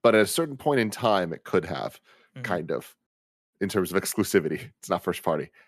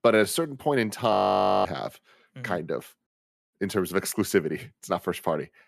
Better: first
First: none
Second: audio freezing; at 1 s for 0.5 s

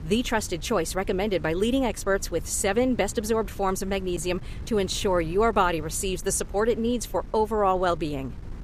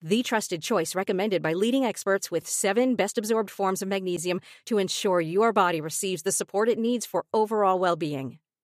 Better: second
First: wind noise on the microphone; occasional gusts; 25 dB below the speech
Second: none

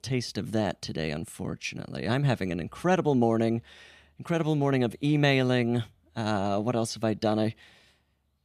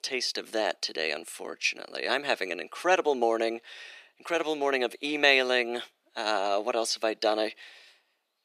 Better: first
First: none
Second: thin; very; fading below 400 Hz

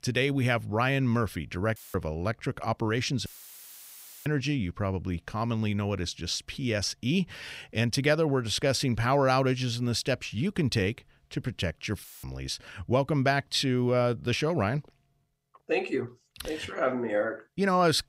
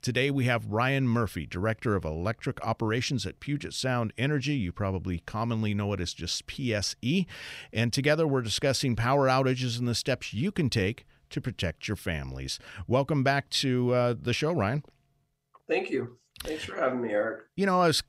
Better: second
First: audio cutting out; filled with static; at 2 s, at 3.5 s for 1 s and at 12 s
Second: none

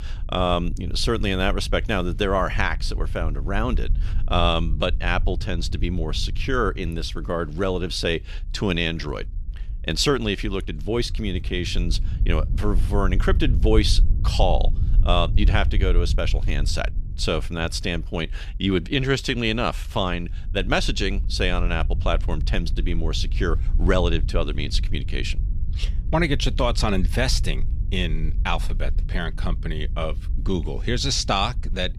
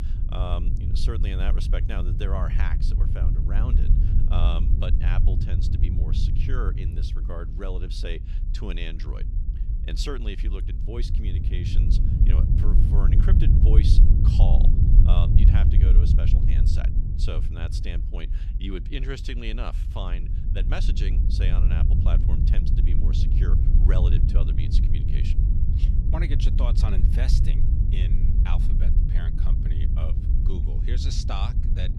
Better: first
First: low rumble; faint; throughout; 20 dB below the speech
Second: low rumble; loud; throughout; 2 dB below the speech

